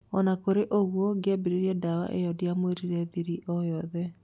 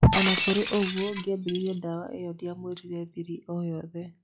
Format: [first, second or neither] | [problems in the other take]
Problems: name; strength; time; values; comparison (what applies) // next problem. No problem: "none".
first | noise reduction (classical method log-MMSE)